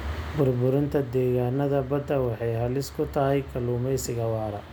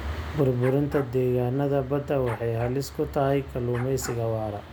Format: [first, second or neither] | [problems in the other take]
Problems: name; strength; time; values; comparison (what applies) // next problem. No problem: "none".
first | background sound (Bark); 20 dB below the speech